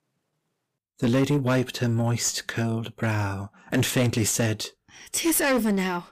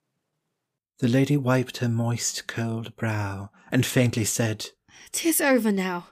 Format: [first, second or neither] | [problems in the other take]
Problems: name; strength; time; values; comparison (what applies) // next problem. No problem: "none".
second | distortion; slight; 9% of the sound clipped